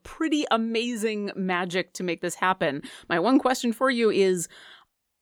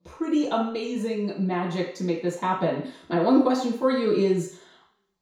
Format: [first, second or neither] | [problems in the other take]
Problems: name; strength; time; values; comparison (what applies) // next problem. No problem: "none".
first | room echo; noticeable; dies away in 0.6 s // off-mic speech; far